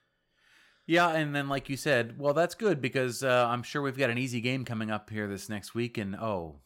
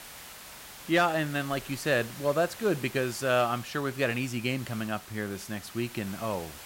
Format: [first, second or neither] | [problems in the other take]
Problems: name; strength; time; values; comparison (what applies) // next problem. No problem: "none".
first | hiss; noticeable; throughout; 15 dB below the speech